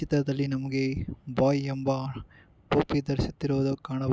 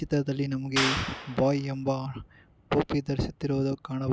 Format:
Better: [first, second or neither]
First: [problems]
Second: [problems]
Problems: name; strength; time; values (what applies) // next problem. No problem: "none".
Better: first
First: none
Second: background sound (Clapping); 7 dB below the speech